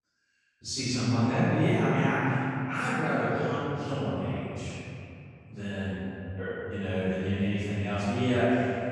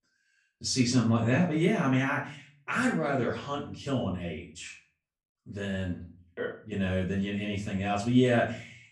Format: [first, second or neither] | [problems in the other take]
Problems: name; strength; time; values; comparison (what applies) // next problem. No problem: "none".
second | room echo; strong; dies away in 2.9 s; slight in the second // off-mic speech; far; far in the second